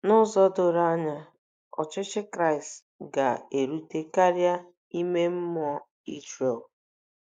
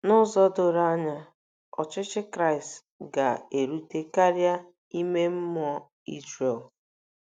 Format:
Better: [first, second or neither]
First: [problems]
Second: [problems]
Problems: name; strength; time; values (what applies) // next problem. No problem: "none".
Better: second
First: noise reduction (neural mask model Resemble Enhance denoiser)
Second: none